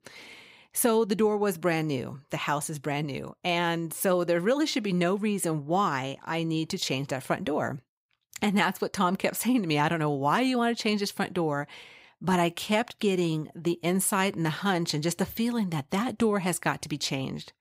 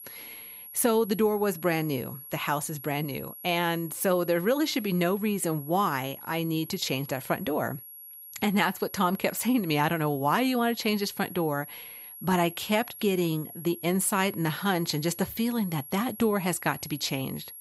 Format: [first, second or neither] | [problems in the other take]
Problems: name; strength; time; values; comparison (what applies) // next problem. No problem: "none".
first | high-pitched whine; noticeable; throughout; 11.5 kHz, 15 dB below the speech